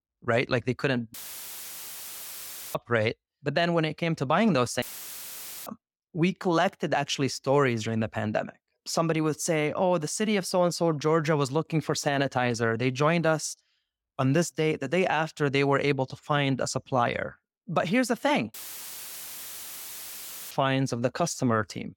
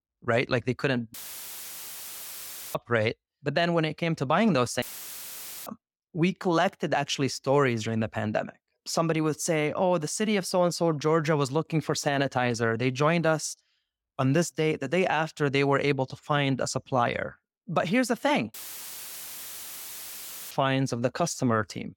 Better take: neither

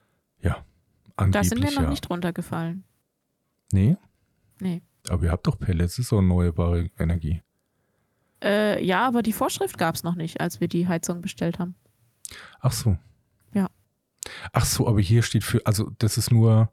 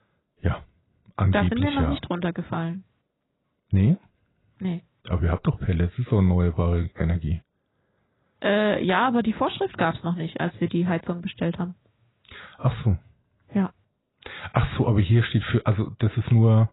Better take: first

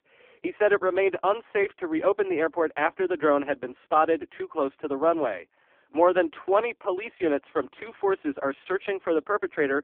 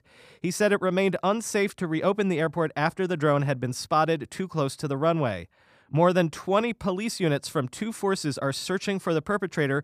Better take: second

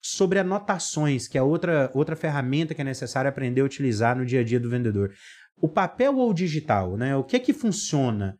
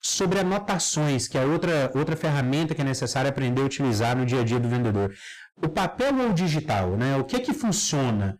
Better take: first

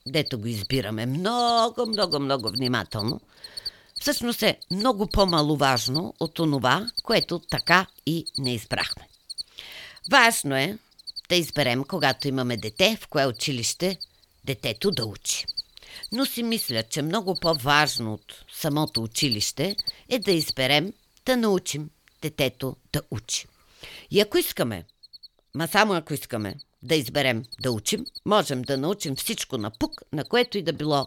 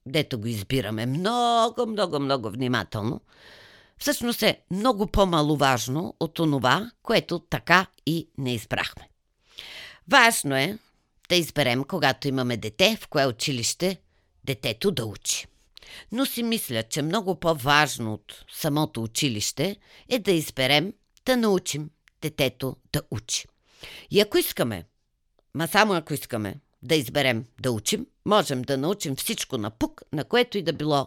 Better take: second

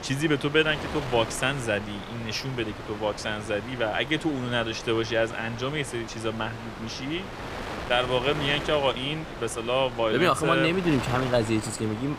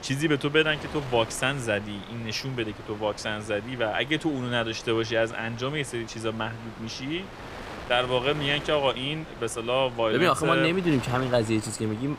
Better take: second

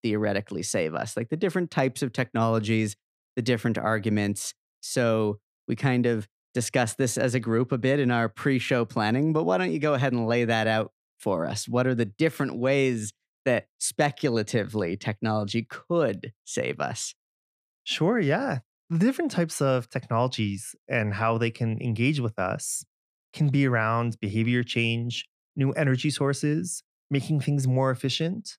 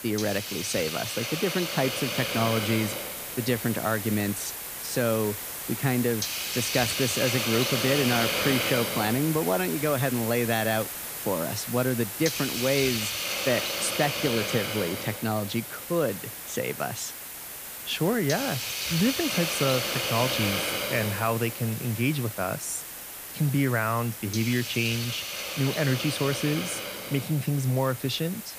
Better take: first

